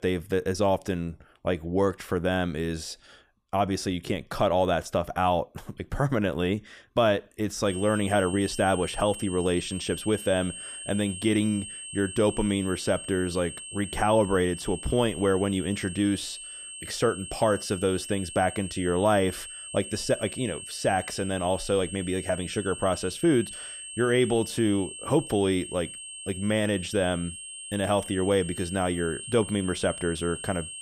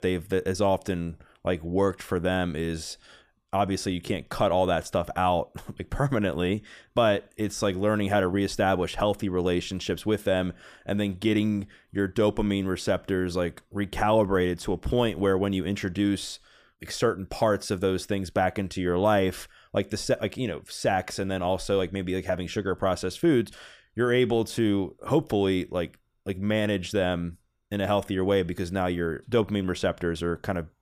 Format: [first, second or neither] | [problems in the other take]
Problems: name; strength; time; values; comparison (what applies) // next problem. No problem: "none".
second | high-pitched whine; noticeable; from 7.5 s on; 8.5 kHz, 10 dB below the speech